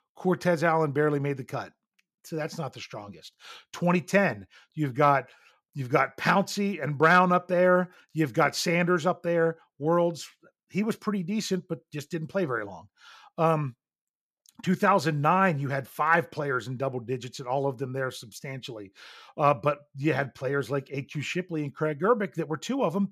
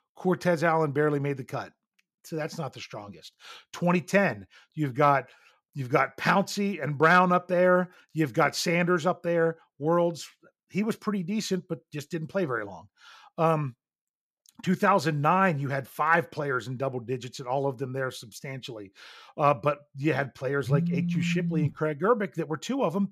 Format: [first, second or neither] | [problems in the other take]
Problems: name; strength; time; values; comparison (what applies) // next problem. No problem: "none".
first | phone ringing; noticeable; from 21 to 22 s; peak level with the speech